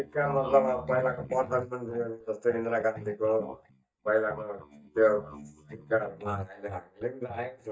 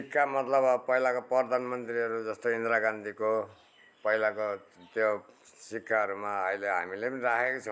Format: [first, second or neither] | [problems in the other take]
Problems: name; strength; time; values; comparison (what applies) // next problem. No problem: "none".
second | noise reduction (neural mask model DeepFilterNet 3)